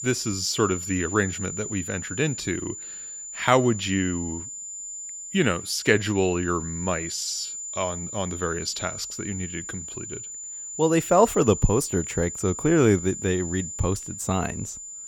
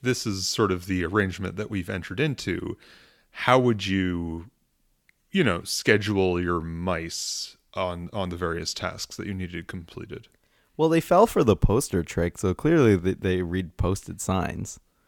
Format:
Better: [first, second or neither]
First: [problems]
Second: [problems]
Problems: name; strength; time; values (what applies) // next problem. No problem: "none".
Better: second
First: high-pitched whine; loud; throughout; 7 kHz, 8 dB below the speech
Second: none